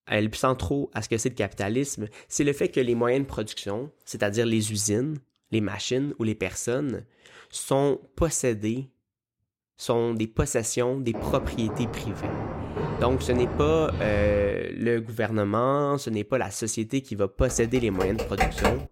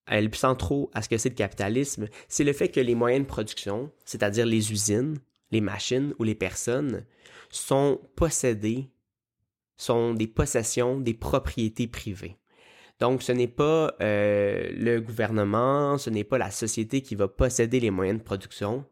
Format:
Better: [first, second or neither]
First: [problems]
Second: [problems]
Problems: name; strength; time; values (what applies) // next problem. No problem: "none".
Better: second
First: footsteps; noticeable; from 11 to 15 s; peak 3 dB below the speech // keyboard typing; loud; from 17 s on; peak 2 dB above the speech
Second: none